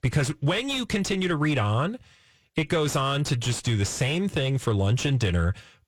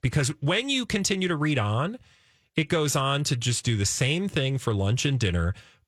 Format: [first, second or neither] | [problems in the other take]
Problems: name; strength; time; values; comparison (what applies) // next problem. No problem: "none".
second | distortion; slight; 10 dB below the speech